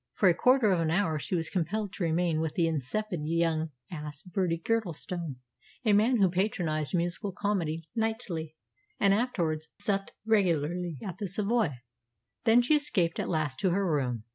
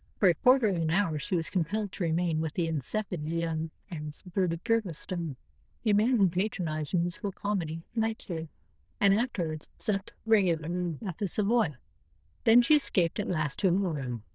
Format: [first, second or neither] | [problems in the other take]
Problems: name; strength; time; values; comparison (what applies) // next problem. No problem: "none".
first | noise reduction (neural diffusion model UNIVERSE++)